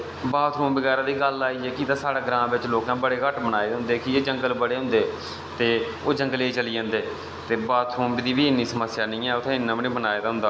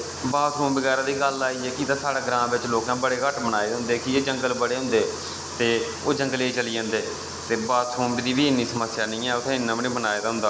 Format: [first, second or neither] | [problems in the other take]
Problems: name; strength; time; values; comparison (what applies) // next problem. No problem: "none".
first | background sound (Cricket); 13 dB below the speech